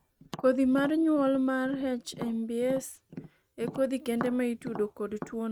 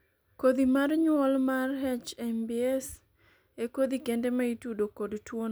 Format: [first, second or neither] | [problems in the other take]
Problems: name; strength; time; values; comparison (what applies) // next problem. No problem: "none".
second | noise reduction (neural mask model RNNoise)